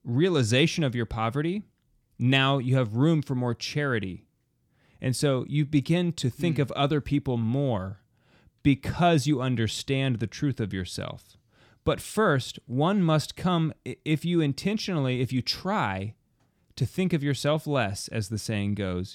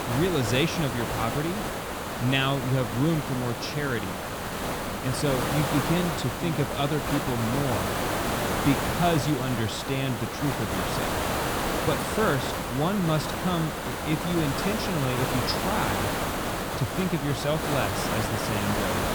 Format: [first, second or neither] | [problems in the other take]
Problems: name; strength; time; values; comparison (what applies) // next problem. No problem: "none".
first | hiss; loud; throughout; 1 dB below the speech